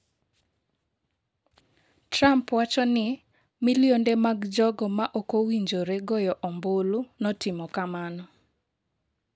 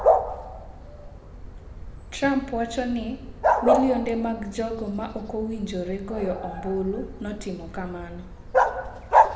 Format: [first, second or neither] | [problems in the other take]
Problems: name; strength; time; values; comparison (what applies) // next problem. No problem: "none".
first | background sound (Bark); 3 dB above the speech // room echo; dies away in 0.7 s